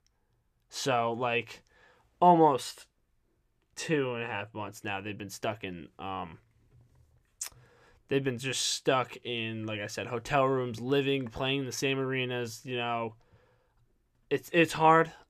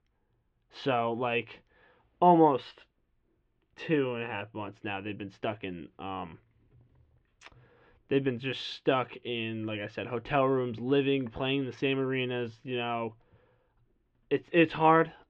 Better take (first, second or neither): first